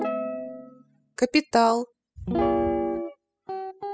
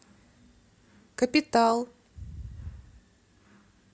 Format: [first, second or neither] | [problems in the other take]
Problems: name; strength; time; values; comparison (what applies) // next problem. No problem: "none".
second | noise reduction (classical method spectral subtraction)